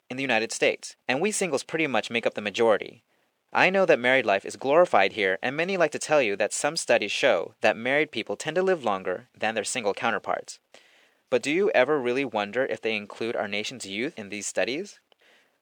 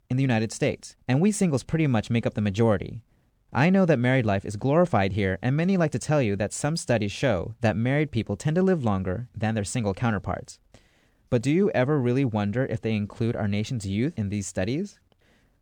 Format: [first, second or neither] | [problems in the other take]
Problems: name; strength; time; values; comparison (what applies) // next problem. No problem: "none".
second | thin; very; fading below 500 Hz